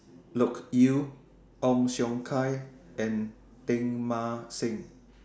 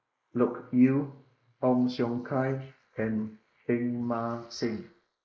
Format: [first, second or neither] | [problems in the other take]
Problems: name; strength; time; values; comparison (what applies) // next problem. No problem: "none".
first | noise reduction (neural mask model Resemble Enhance denoiser)